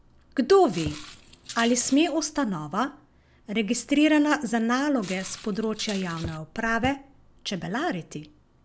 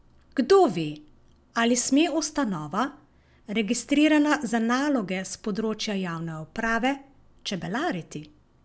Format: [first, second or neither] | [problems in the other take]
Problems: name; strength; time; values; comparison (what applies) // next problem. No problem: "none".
second | background sound (Thump, thud + Walk, footsteps); 15 dB below the speech